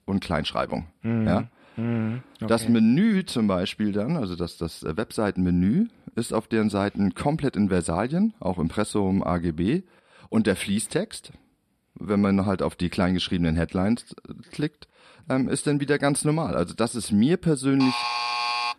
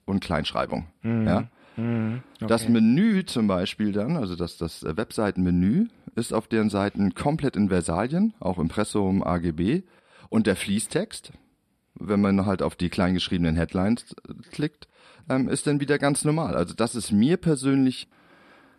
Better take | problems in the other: second | alarm; noticeable; at 18 s; peak level with the speech

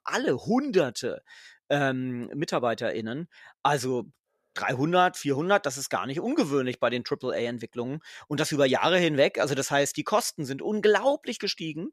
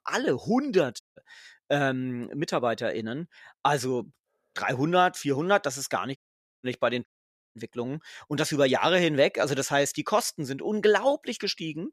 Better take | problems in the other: first | audio cutting out; at 1 s, at 6 s and at 7 s

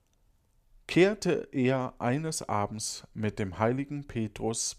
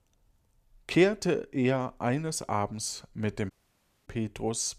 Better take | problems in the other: first | audio cutting out; at 3.5 s for 0.5 s

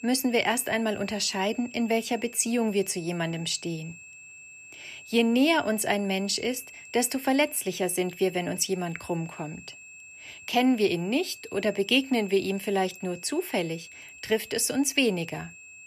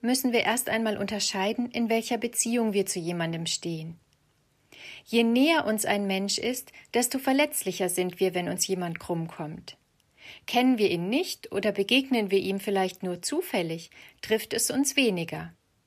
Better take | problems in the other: second | high-pitched whine; noticeable; throughout; 2.5 kHz, 20 dB below the speech

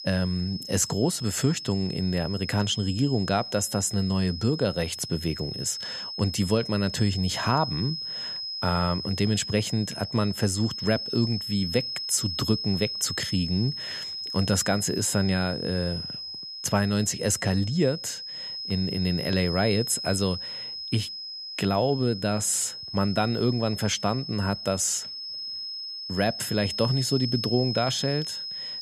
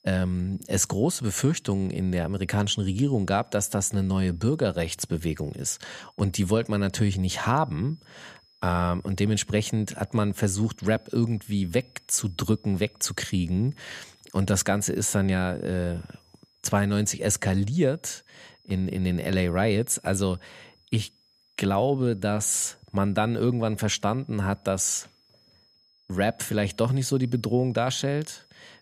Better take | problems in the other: second | high-pitched whine; loud; throughout; 5 kHz, 6 dB below the speech; faint in the second

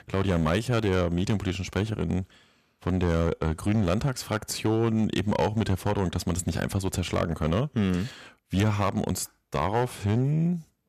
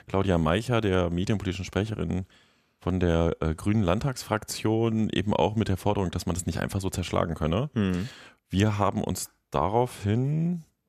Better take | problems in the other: second | distortion; slight; 6% of the sound clipped

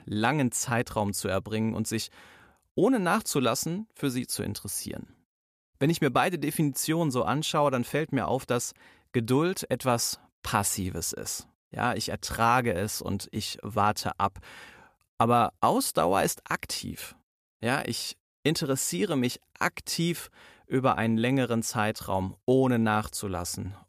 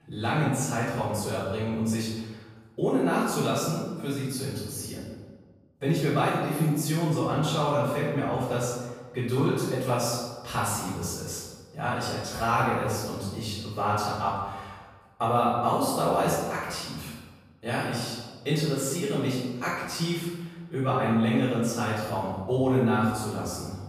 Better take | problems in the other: first | off-mic speech; far // room echo; strong; dies away in 1.2 s

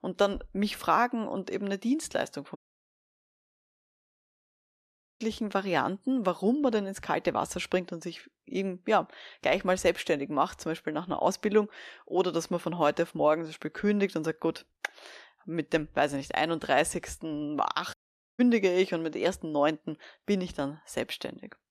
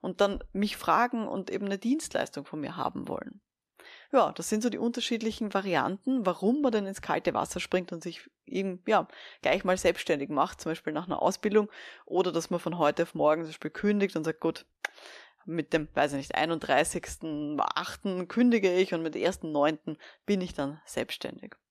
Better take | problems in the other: second | audio cutting out; at 2.5 s for 2.5 s and at 18 s

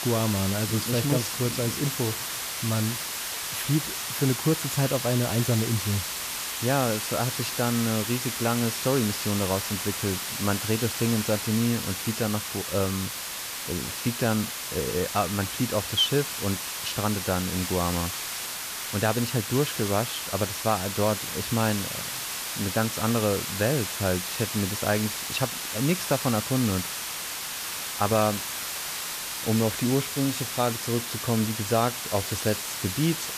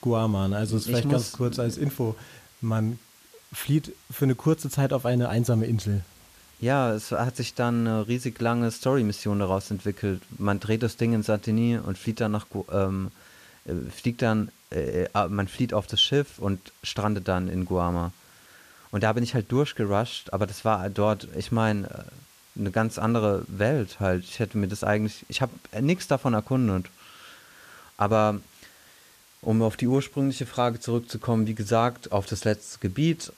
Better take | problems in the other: second | hiss; loud; throughout; 2 dB below the speech; faint in the second

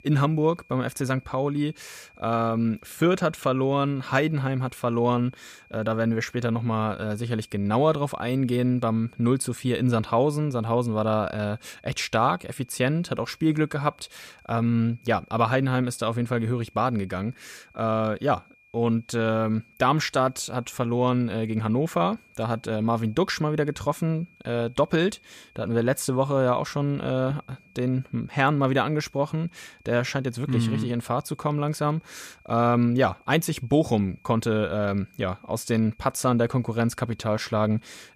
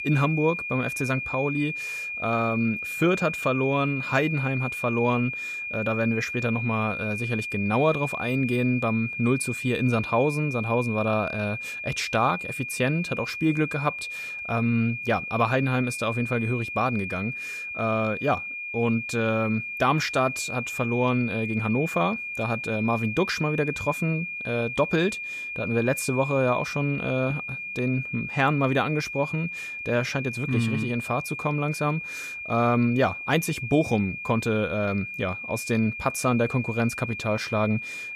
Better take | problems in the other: first | high-pitched whine; loud; throughout; 2.5 kHz, 5 dB below the speech; faint in the first

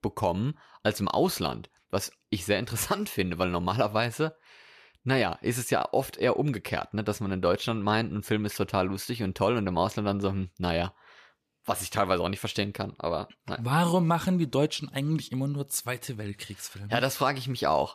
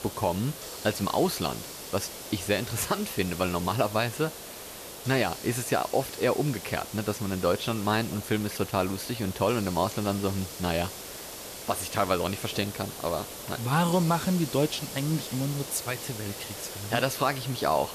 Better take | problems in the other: first | hiss; loud; throughout; 9 dB below the speech

